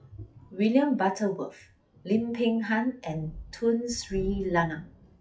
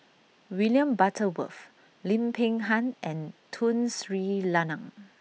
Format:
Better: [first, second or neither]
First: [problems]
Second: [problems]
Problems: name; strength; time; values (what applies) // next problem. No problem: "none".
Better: second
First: noise reduction (classical method WPE with log-MMSE)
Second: none